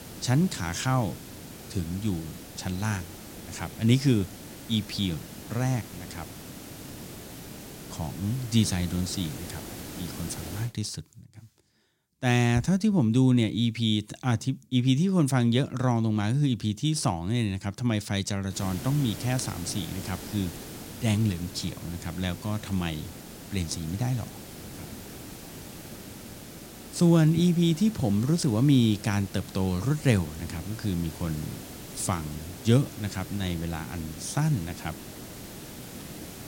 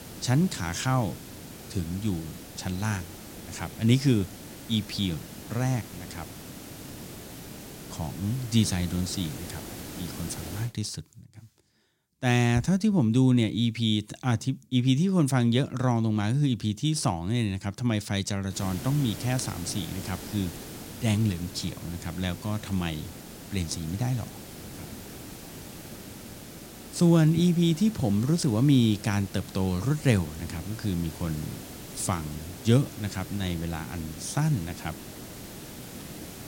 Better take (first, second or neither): neither